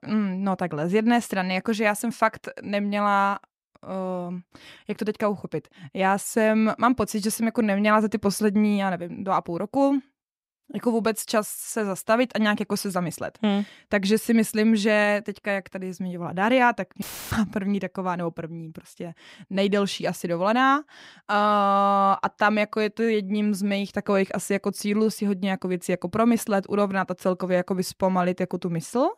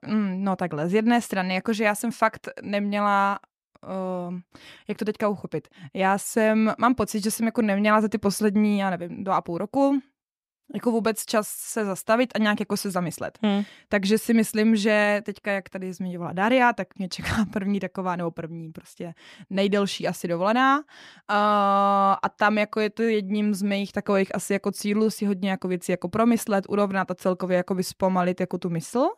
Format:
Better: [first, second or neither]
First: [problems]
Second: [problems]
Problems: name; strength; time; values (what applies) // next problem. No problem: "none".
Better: second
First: audio cutting out; filled with static; at 17 s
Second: none